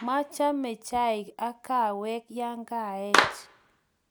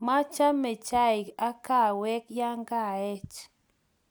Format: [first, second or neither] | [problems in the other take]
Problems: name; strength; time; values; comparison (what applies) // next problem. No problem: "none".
second | background sound (Clapping); 3 dB below the speech